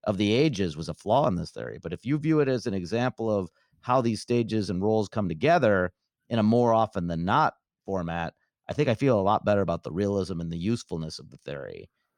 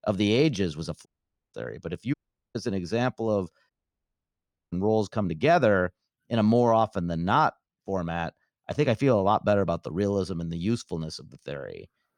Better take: first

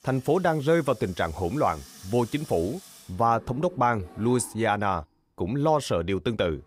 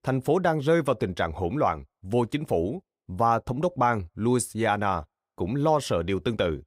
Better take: second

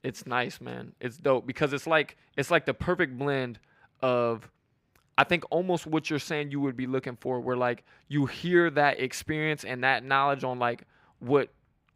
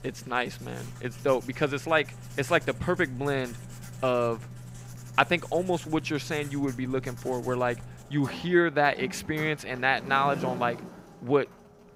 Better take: first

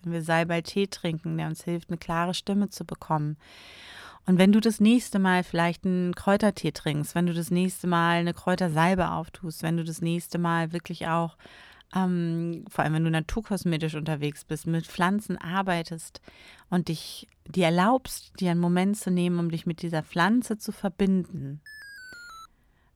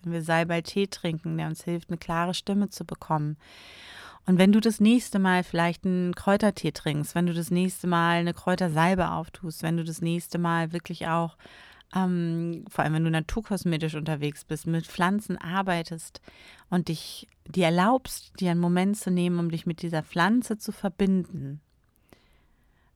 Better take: second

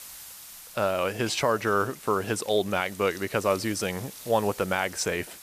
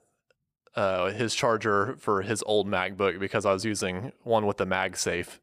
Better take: second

